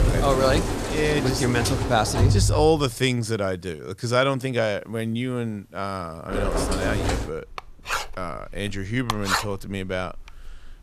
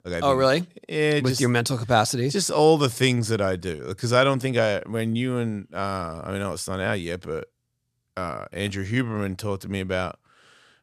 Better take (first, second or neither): second